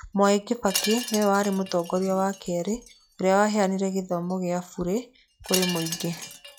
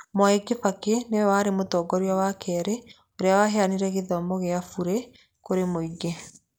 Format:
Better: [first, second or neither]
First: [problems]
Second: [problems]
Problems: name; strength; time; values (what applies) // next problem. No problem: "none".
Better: second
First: noise reduction (classical method log-MMSE)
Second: none